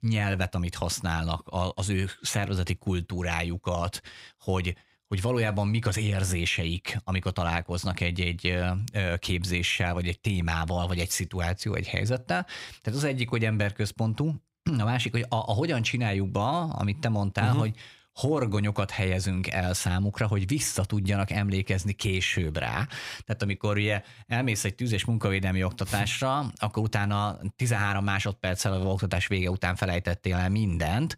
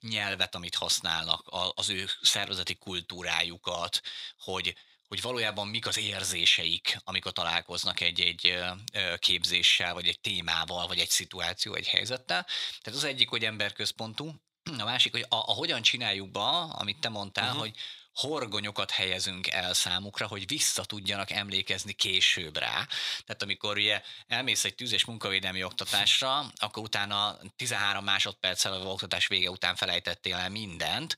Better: first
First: none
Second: thin; somewhat; fading below 800 Hz

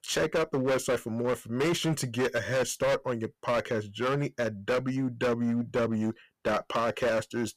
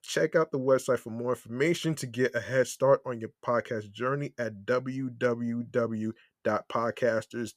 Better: second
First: distortion; heavy; 16% of the sound clipped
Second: none

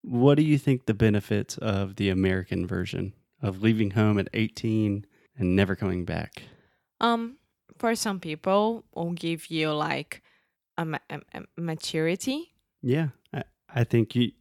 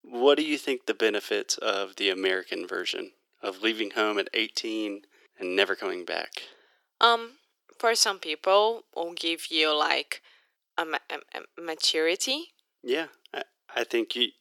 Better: first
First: none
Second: thin; very; fading below 350 Hz

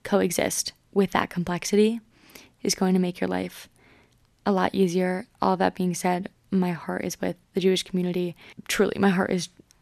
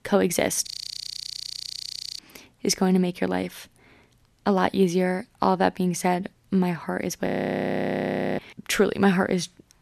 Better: first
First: none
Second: audio freezing; at 0.5 s for 1.5 s and at 7.5 s for 1 s

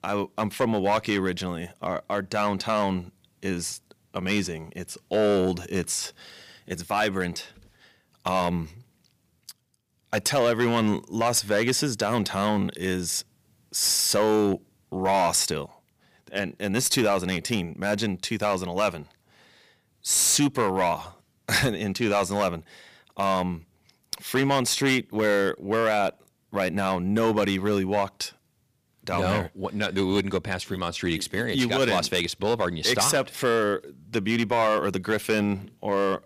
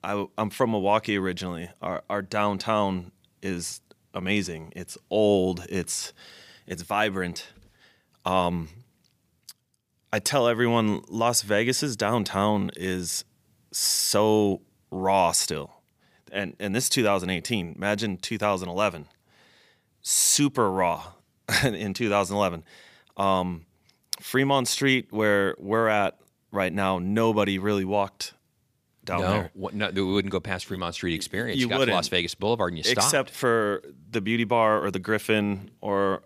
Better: second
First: distortion; slight; 4% of the sound clipped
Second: none

